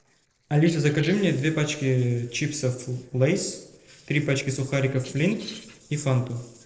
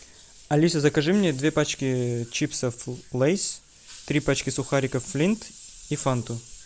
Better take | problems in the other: second | noise reduction (neural separator model SepFormer DNS4)

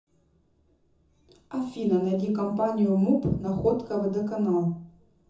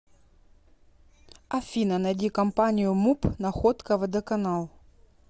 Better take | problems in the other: second | room echo; dies away in 0.5 s

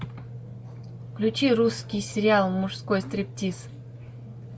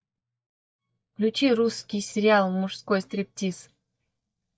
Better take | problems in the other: first | noise reduction (neural mask model DeepFilterNet 3)

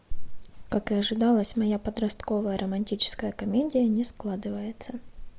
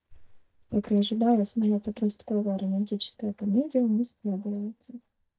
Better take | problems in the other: first | noise reduction (neural mask model DeepFilterNet 3)

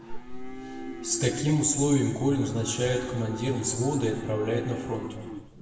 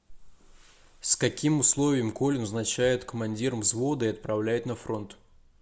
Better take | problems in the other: second | background sound (Livestock, farm animals, working animals); 10 dB below the speech // room echo; dies away in 1.2 s

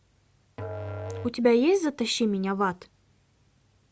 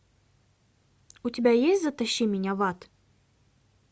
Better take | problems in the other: second | background sound (Musical instrument); 12 dB below the speech

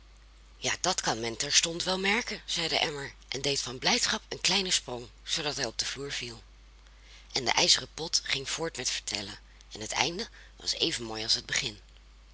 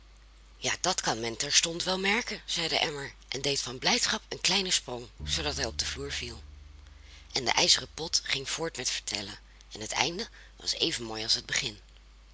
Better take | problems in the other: first | background sound (Bowed string instrument); 14 dB below the speech

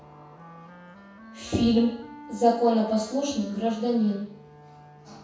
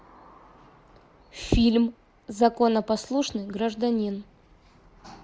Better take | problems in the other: second | background sound (Wind instrument, woodwind instrument); 20 dB below the speech // room echo; dies away in 0.6 s

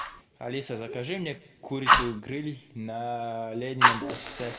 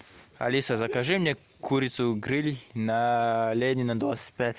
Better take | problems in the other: second | background sound (Fire); 5 dB above the speech // room echo; dies away in 1 s

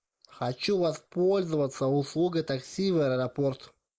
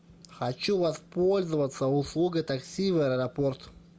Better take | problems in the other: second | noise reduction (neural mask model Resemble Enhance denoiser)

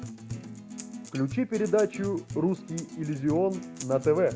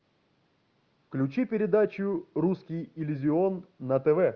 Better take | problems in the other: second | background sound (Acoustic guitar); 11 dB below the speech

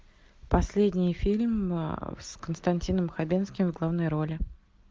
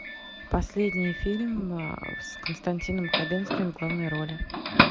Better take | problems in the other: first | background sound (Doorbell); 1 dB below the speech

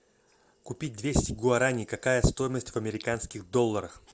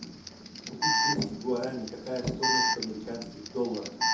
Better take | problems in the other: first | background sound (Alarm); 3 dB above the speech // room echo; dies away in 0.5 s

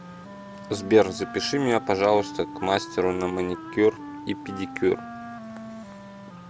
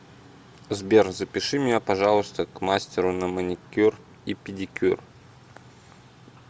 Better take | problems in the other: second | background sound (Wind instrument, woodwind instrument); 13 dB below the speech

